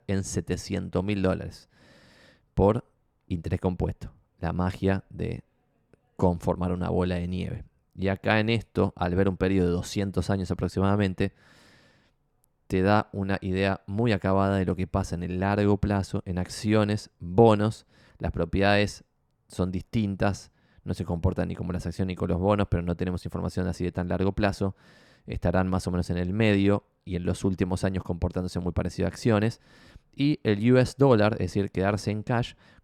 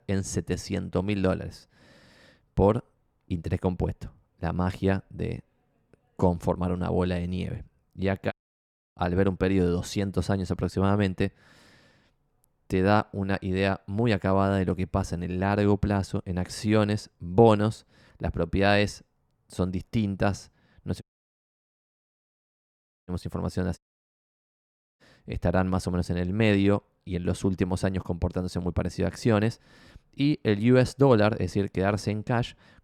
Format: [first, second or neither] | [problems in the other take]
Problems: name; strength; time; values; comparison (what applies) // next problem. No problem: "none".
first | audio cutting out; at 8.5 s for 0.5 s, at 21 s for 2 s and at 24 s for 1 s